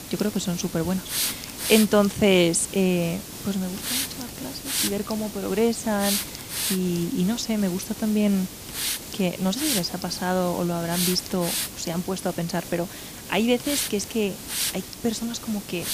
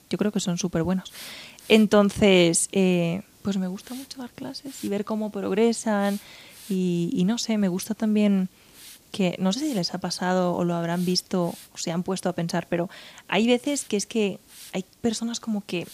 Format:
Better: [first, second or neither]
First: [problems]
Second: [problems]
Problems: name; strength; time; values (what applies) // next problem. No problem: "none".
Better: second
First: hiss; loud; throughout; 5 dB below the speech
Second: hiss; faint; throughout; 25 dB below the speech